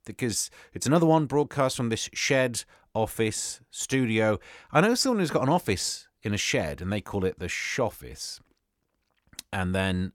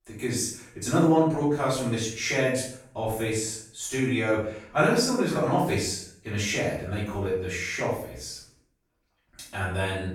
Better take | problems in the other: first | off-mic speech; far // room echo; noticeable; dies away in 0.5 s

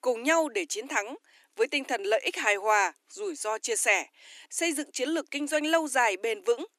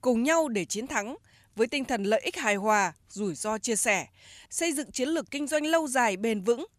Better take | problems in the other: second | thin; very slightly; fading below 300 Hz

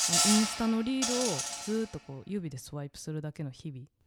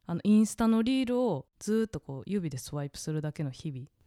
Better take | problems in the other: second | animal sounds; very loud; until 1 s; 4 dB above the speech

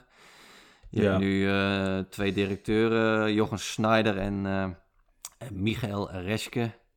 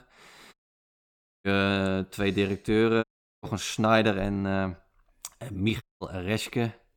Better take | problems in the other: first | audio cutting out; at 0.5 s for 1 s, at 3 s and at 6 s

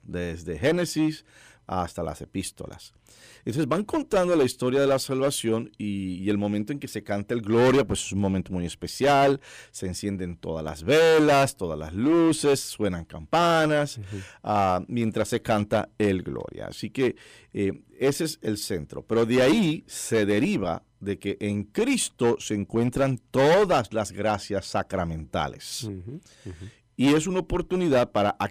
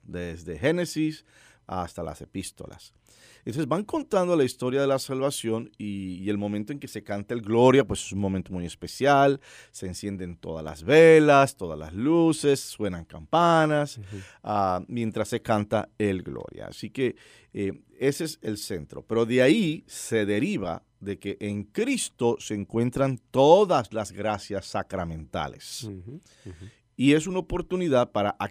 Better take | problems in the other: second | distortion; heavy; 7% of the sound clipped

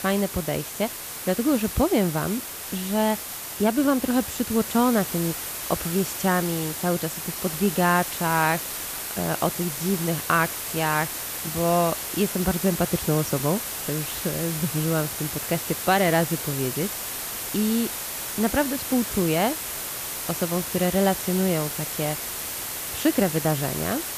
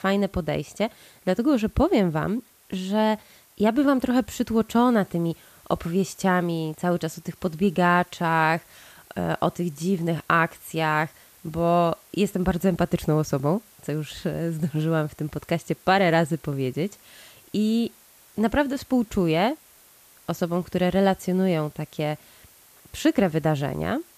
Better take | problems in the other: second | hiss; loud; throughout; 4 dB below the speech; faint in the second

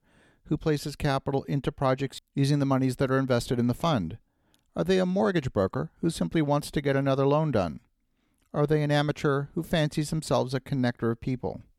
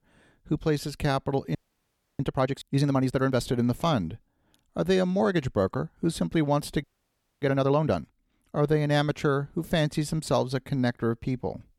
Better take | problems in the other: first | audio freezing; at 1.5 s for 0.5 s and at 7 s for 0.5 s

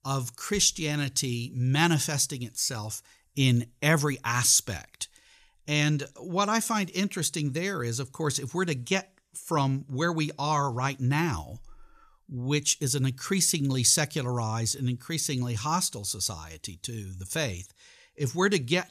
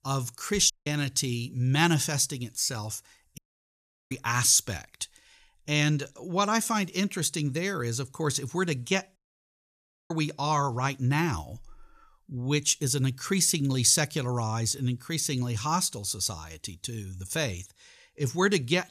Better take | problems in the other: first | audio cutting out; at 0.5 s, at 3.5 s for 0.5 s and at 9 s for 1 s

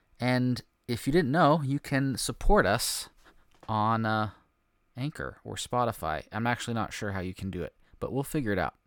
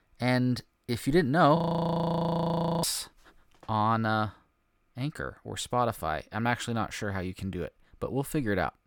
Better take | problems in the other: first | audio freezing; at 1.5 s for 1.5 s

